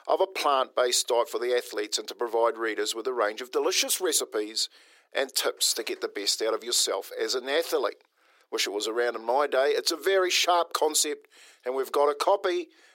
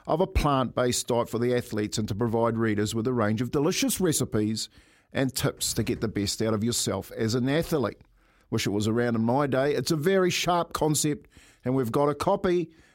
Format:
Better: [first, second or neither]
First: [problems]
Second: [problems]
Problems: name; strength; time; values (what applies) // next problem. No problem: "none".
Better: second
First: thin; very; fading below 400 Hz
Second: none